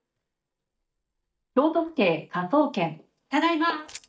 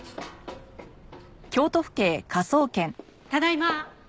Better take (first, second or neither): second